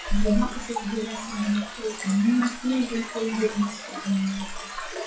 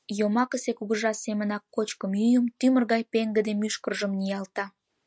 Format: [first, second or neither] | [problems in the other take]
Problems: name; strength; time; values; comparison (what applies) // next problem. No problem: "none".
second | noise reduction (classical method WPE with log-MMSE)